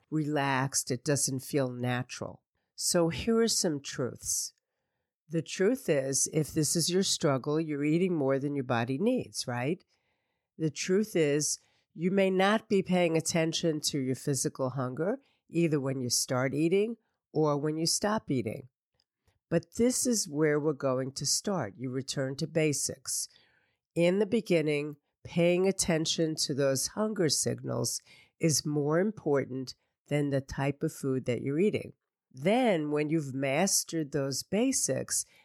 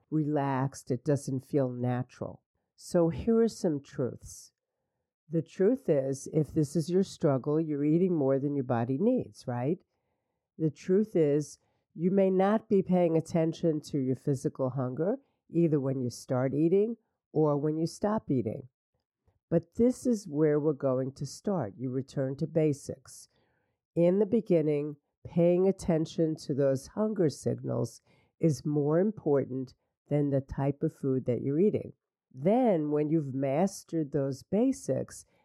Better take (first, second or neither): first